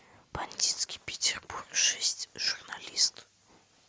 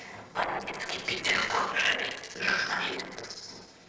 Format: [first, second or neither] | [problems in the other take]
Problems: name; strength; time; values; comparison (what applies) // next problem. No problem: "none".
first | noise reduction (neural separator model SepFormer DNS4)